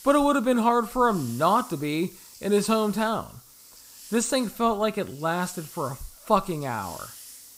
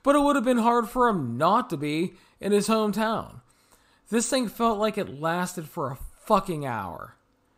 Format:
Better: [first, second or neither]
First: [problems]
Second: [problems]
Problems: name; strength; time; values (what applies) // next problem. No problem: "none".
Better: second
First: hiss; noticeable; throughout; 20 dB below the speech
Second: none